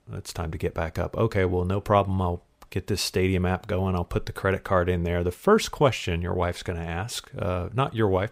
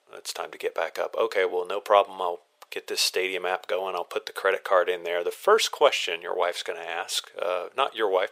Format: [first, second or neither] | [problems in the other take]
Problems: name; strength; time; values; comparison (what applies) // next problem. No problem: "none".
first | thin; very; fading below 500 Hz